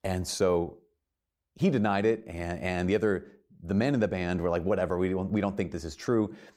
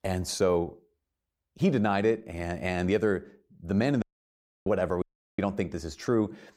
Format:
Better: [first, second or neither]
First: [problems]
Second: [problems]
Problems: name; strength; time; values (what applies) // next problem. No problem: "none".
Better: first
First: none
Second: audio cutting out; at 4 s for 0.5 s and at 5 s